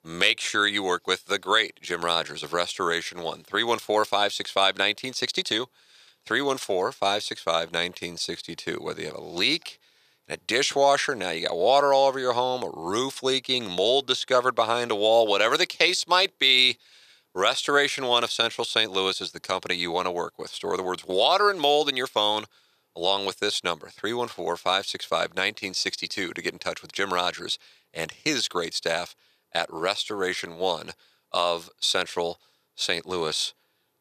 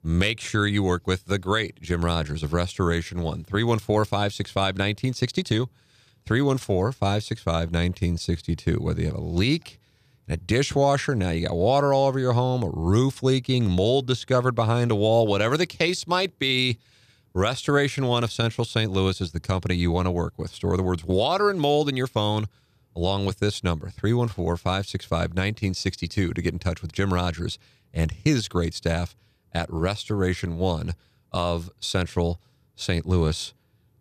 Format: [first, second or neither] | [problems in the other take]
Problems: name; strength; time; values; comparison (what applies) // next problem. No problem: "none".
second | thin; very; fading below 550 Hz